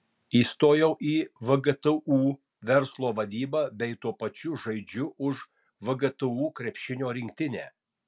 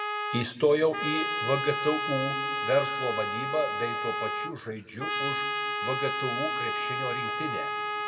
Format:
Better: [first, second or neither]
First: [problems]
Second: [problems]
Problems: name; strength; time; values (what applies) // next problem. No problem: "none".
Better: first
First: none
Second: background sound (Trumpet); as loud as the speech // room echo; dies away in 1.4 s